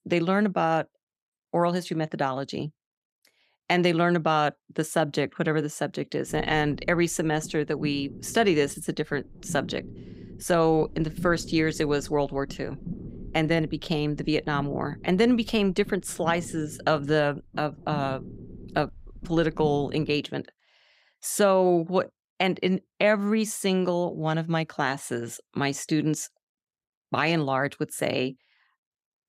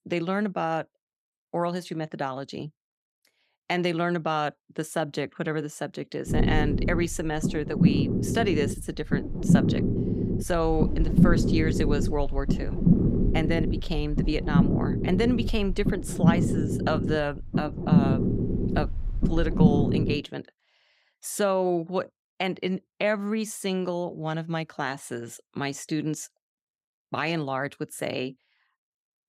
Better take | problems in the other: first | low rumble; loud; from 6.5 to 20 s; 3 dB below the speech; faint in the first

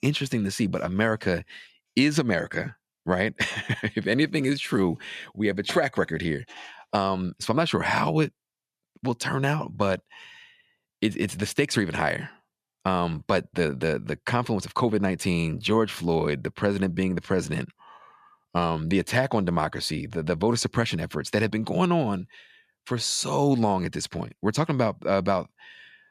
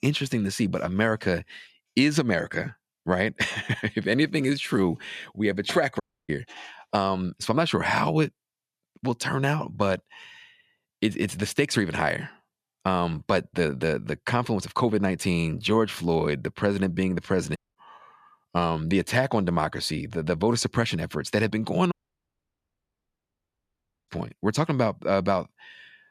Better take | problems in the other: first | audio cutting out; at 6 s, at 18 s and at 22 s for 2 s

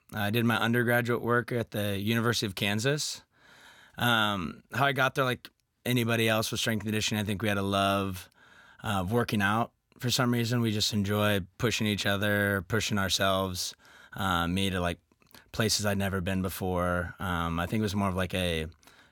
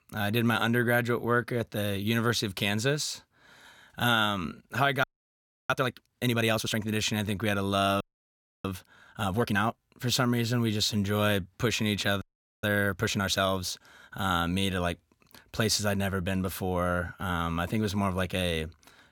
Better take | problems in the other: first | audio freezing; at 5 s for 0.5 s, at 8 s for 0.5 s and at 12 s

